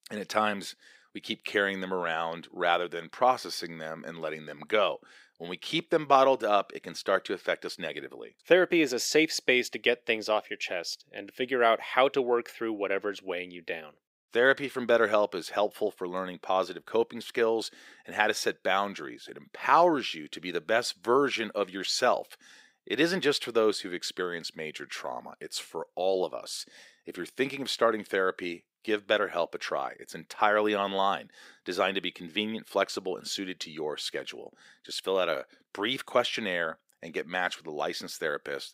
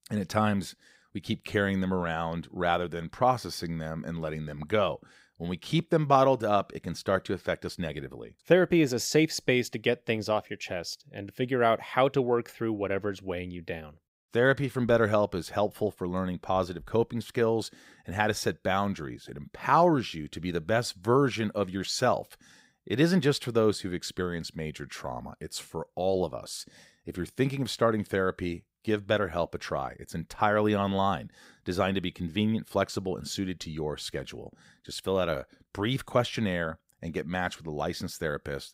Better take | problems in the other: second | thin; somewhat; fading below 350 Hz

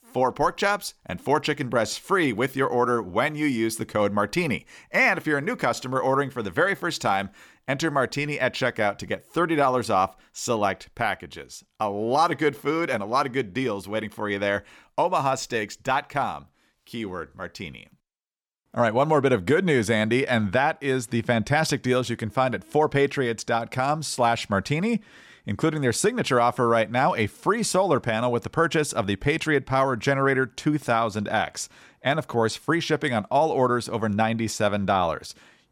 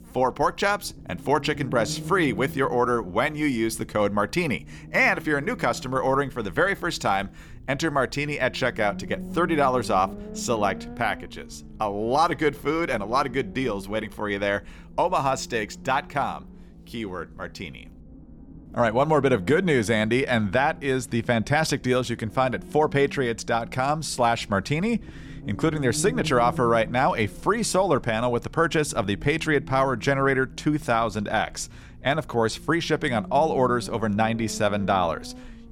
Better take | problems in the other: first | low rumble; faint; throughout; 25 dB below the speech

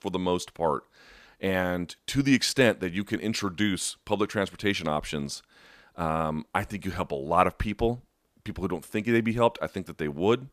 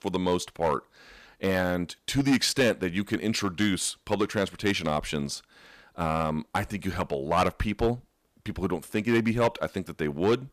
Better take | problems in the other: first | distortion; slight; 3% of the sound clipped

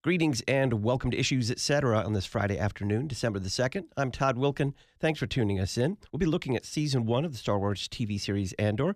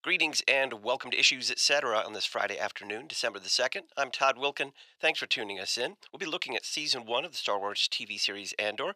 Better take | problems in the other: first | thin; very; fading below 750 Hz

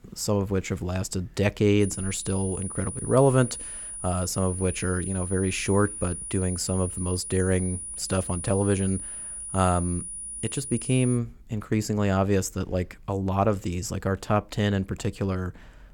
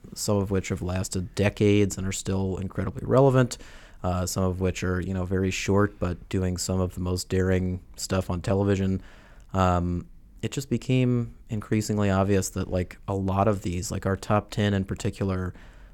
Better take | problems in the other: second | high-pitched whine; loud; from 2 to 11 s; 9.5 kHz, 7 dB below the speech

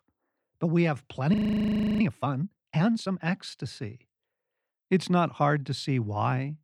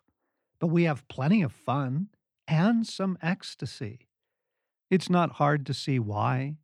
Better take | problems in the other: second | audio freezing; at 1.5 s for 0.5 s

